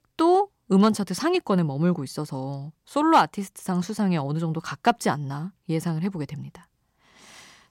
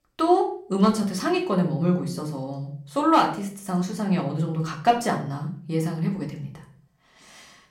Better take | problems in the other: first | room echo; slight; dies away in 0.4 s // off-mic speech; somewhat distant

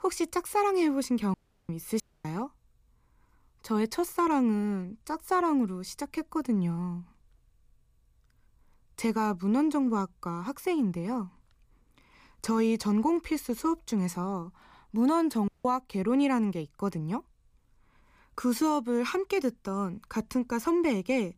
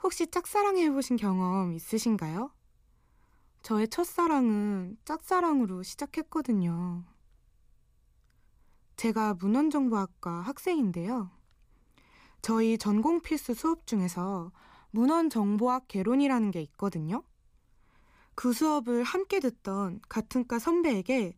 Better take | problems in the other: second | audio cutting out; at 1.5 s, at 2 s and at 15 s

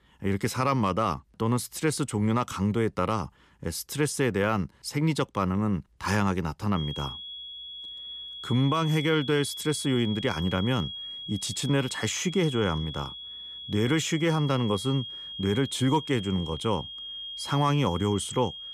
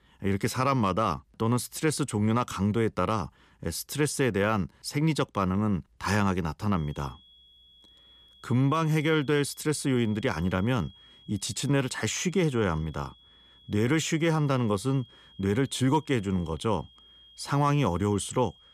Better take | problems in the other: second | high-pitched whine; loud; from 7 s on; 3.5 kHz, 9 dB below the speech; faint in the second

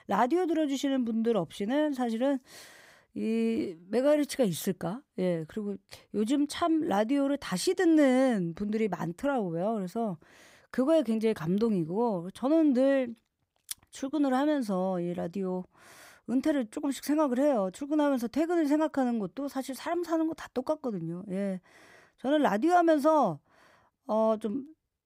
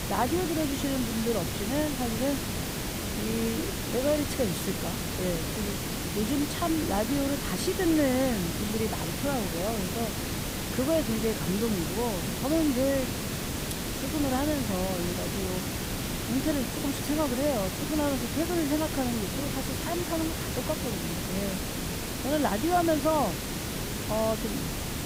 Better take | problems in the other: first | hiss; loud; throughout; 1 dB below the speech

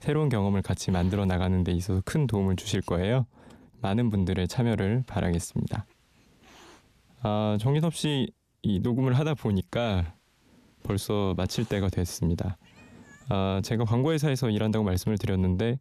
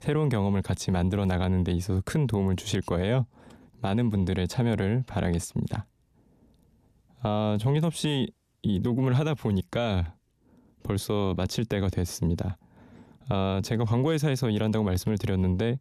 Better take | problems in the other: second | hiss; faint; until 3 s, from 5 to 8 s and from 9.5 to 14 s; 30 dB below the speech

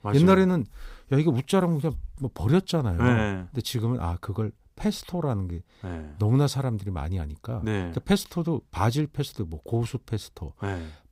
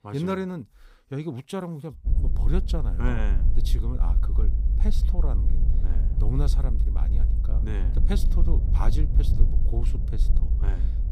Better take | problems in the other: first | low rumble; loud; from 2 s on; 7 dB below the speech

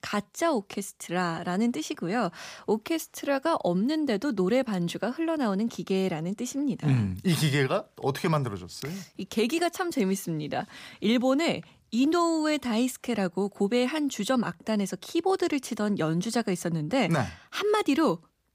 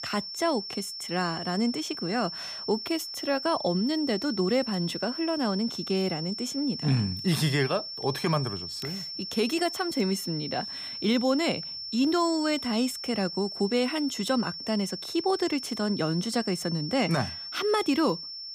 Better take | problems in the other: first | high-pitched whine; loud; throughout; 5.5 kHz, 6 dB below the speech

